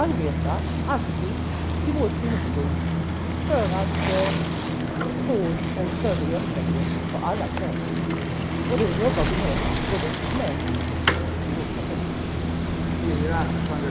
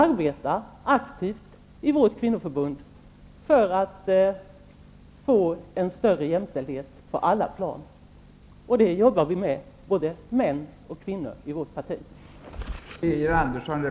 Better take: second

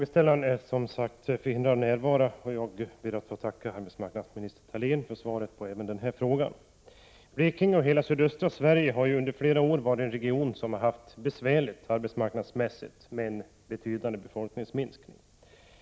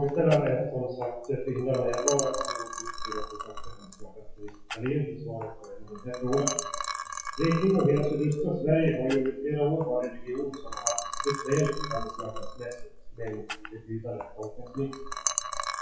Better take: first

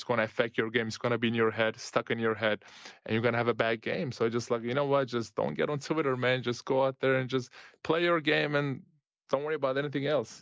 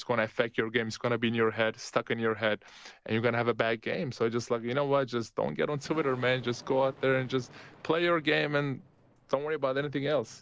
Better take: first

